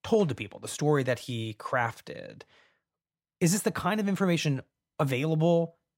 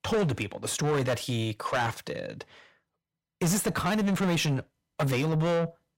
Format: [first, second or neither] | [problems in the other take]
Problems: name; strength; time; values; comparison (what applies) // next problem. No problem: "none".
first | distortion; heavy; 6 dB below the speech